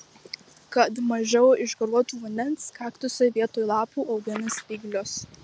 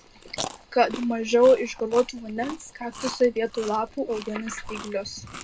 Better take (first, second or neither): first